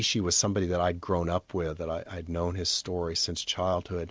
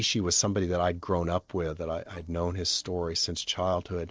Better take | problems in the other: first | noise reduction (neural separator model SepFormer DNS4)

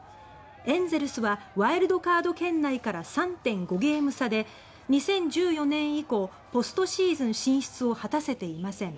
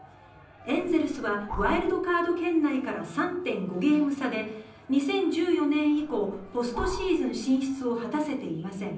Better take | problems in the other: first | background sound (Breathing); 13 dB below the speech // room echo; dies away in 0.6 s

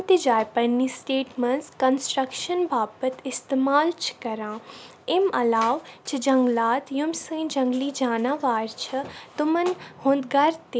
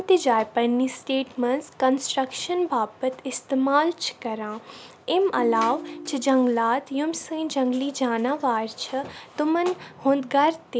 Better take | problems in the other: first | background sound (Ringtone); 13 dB below the speech

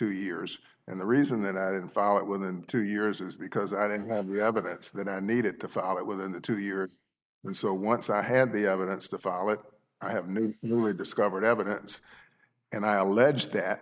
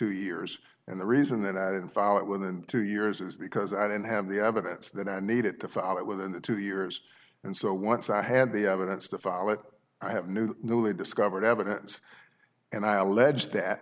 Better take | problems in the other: second | noise reduction (neural mask model Resemble Enhance denoiser)

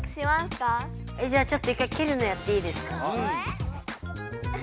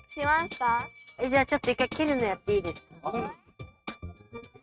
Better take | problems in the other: first | noise reduction (neural mask model RNNoise)

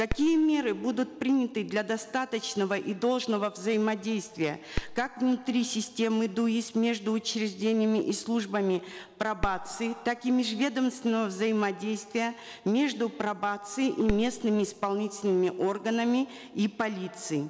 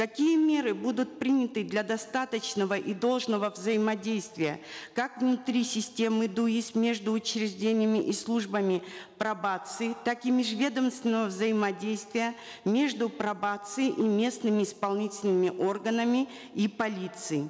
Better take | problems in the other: second | background sound (Fireworks); 15 dB below the speech

